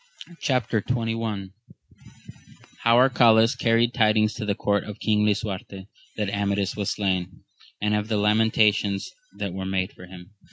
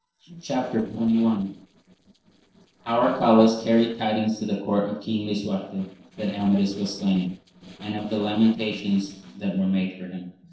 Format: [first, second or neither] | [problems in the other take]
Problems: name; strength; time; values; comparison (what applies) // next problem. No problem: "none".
first | noise reduction (neural separator model SepFormer DNS4)